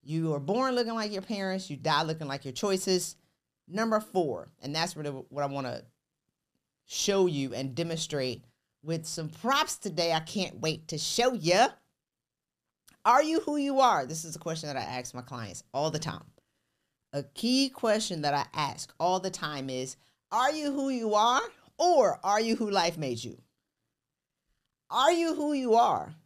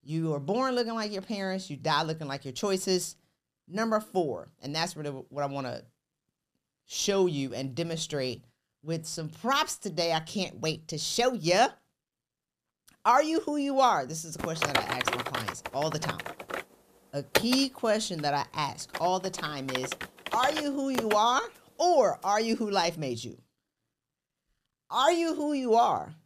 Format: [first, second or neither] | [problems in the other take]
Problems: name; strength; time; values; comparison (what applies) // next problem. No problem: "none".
first | keyboard typing; loud; from 14 to 21 s; peak 1 dB above the speech